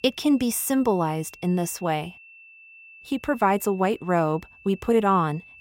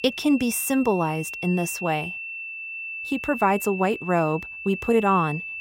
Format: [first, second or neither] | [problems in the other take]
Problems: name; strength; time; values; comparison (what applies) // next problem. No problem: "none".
first | high-pitched whine; loud; throughout; 2.5 kHz, 9 dB below the speech; faint in the first